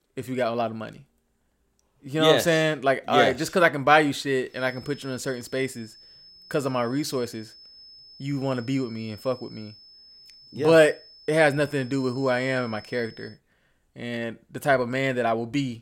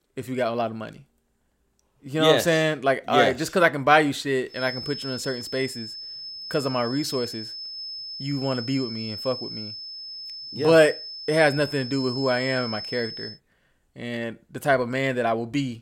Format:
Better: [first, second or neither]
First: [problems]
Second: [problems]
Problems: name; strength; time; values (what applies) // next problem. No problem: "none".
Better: first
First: high-pitched whine; faint; from 4.5 to 13 s; 5 kHz, 20 dB below the speech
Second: high-pitched whine; loud; from 4.5 to 13 s; 5 kHz, 9 dB below the speech